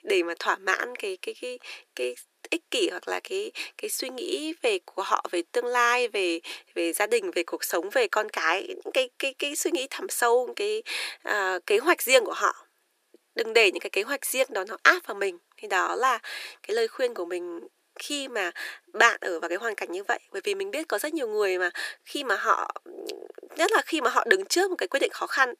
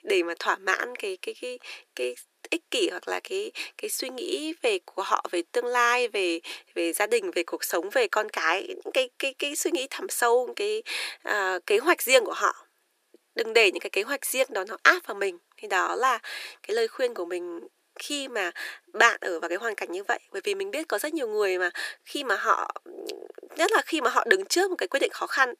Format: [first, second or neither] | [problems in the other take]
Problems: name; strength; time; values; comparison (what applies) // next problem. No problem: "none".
neither | thin; very; fading below 350 Hz; the same in both